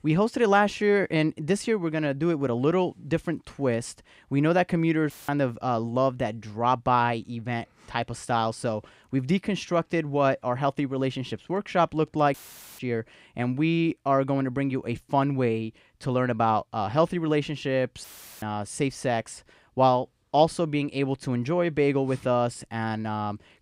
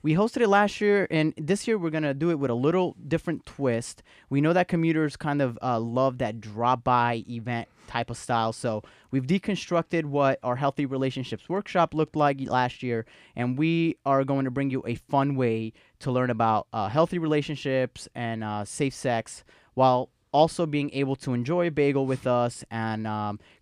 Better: second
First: audio cutting out; filled with static; at 5 s, at 12 s and at 18 s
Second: none

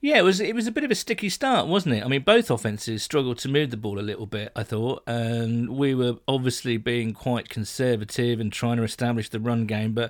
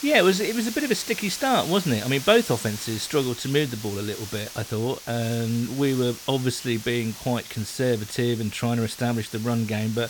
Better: first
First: none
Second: hiss; noticeable; throughout; 10 dB below the speech

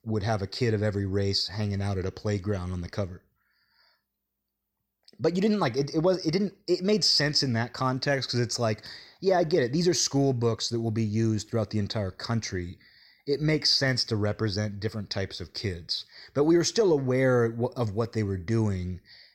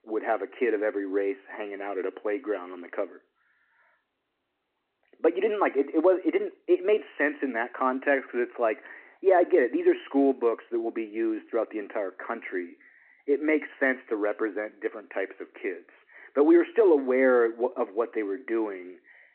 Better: first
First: none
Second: phone-call audio

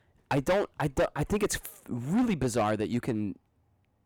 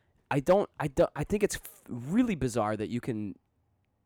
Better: second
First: distortion; heavy; 8% of the sound clipped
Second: none

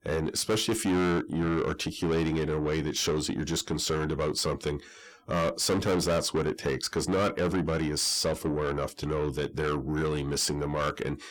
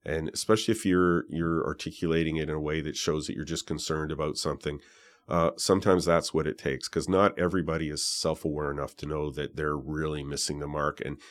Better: second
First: distortion; heavy; 6 dB below the speech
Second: none

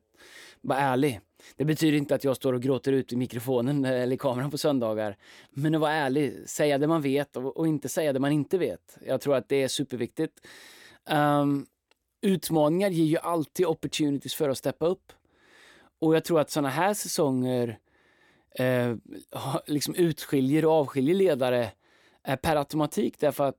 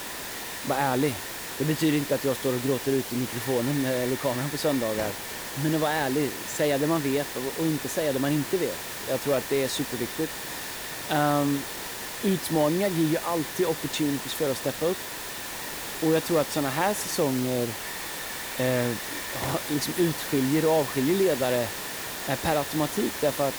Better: first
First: none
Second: hiss; loud; throughout; 5 dB below the speech

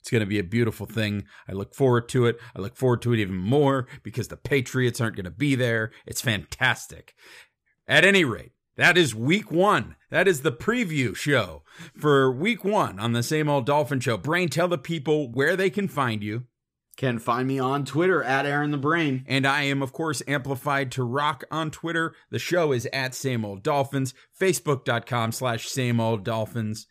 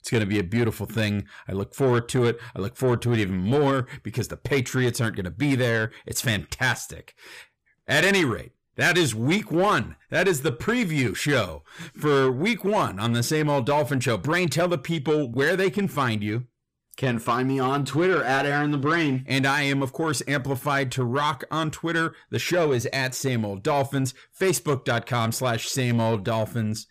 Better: first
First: none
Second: distortion; slight; 10 dB below the speech

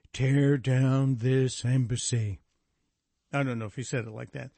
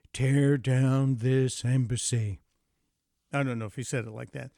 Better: second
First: garbled, watery; slightly; nothing above 8 kHz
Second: none

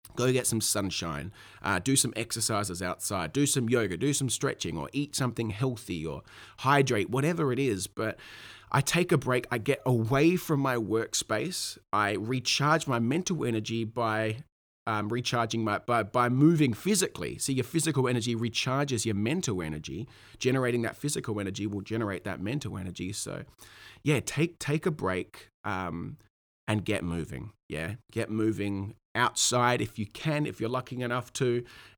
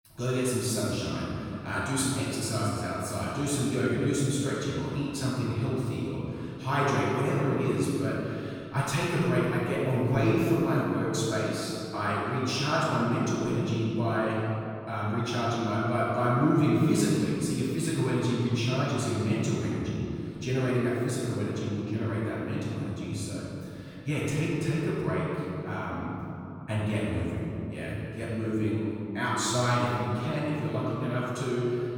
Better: first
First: none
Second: off-mic speech; far // room echo; strong; dies away in 2.8 s

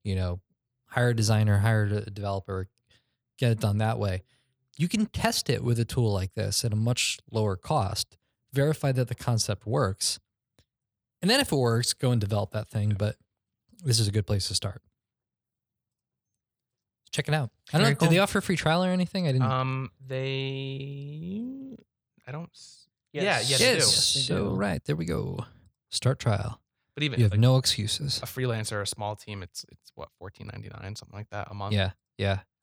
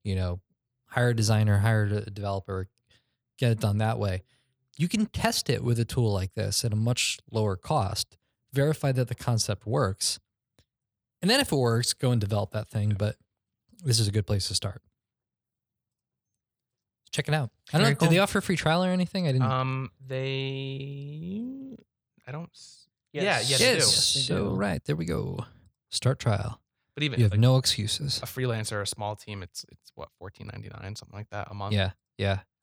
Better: neither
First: none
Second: none

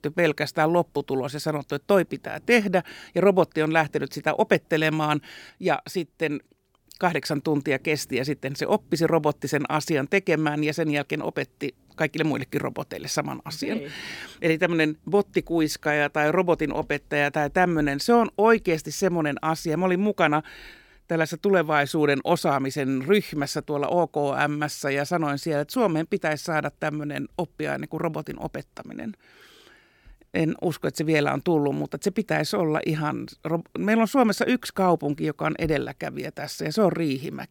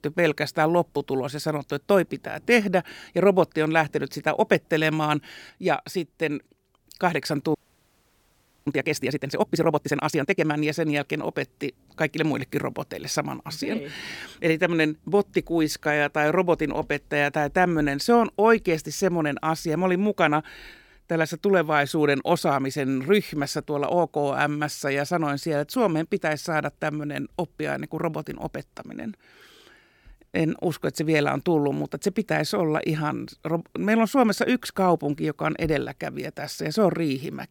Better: first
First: none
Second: audio freezing; at 7.5 s for 1 s

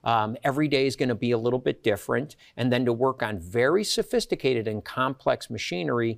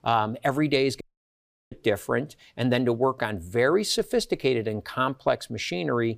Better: first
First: none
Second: audio cutting out; at 1 s for 0.5 s

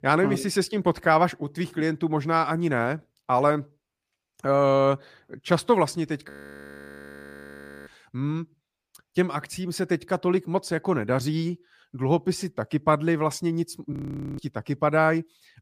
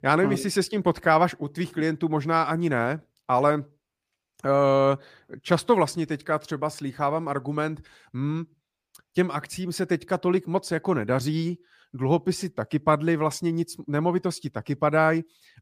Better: second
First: audio freezing; at 6.5 s for 1.5 s and at 14 s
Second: none

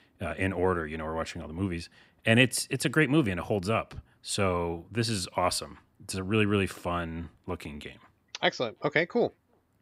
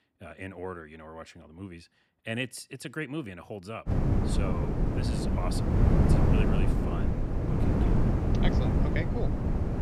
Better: first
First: none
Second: wind noise on the microphone; heavy; from 4 s on; 4 dB above the speech

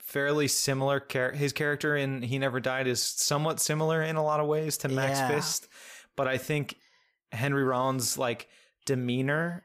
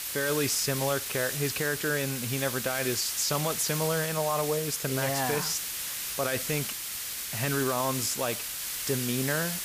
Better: first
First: none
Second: hiss; loud; throughout; 2 dB below the speech

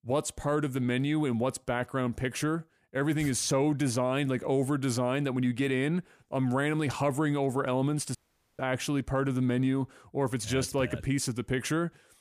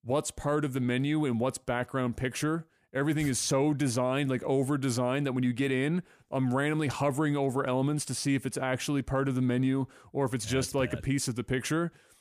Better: second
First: audio cutting out; at 8 s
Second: none

